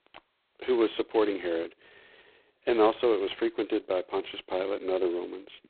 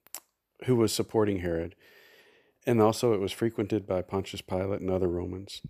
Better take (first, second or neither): second